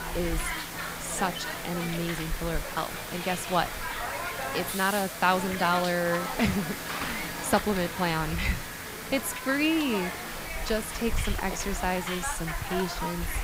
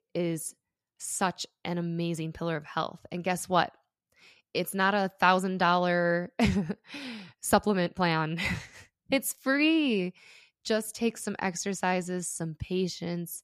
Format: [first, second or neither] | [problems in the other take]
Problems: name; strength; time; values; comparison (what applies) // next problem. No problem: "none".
second | hiss; loud; throughout; 4 dB below the speech